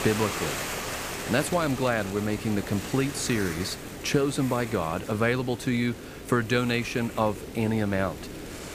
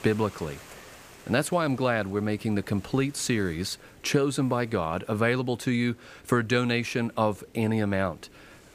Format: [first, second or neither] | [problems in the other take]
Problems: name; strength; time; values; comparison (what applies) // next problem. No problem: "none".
second | hiss; loud; throughout; 8 dB below the speech; faint in the second